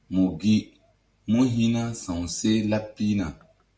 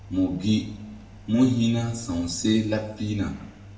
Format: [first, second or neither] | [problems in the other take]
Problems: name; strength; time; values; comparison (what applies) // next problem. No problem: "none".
first | background sound (Engine); 20 dB below the speech // room echo; dies away in 0.9 s